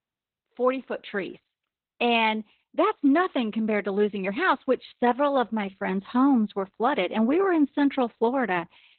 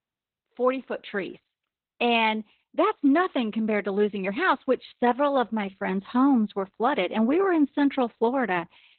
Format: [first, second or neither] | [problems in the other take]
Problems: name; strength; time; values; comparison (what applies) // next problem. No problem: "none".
neither | garbled, watery; badly; nothing above 4 kHz; the same in both